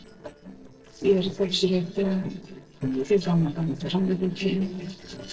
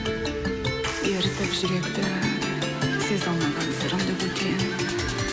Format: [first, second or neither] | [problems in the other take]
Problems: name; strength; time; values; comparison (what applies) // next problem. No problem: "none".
second | noise reduction (neural separator model SepFormer DNS4)